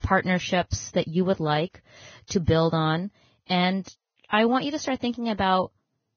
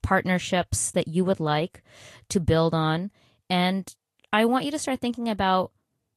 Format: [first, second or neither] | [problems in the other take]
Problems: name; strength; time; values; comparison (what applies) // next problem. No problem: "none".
second | garbled, watery; badly; nothing above 6.5 kHz; slightly in the second